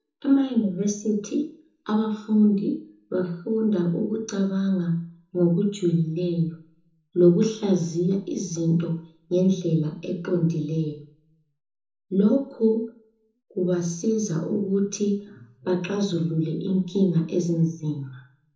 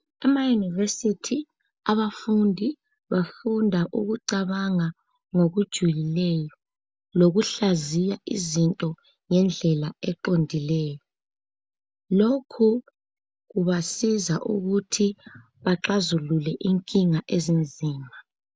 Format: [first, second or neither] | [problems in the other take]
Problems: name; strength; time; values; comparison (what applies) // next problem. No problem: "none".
second | room echo; dies away in 0.6 s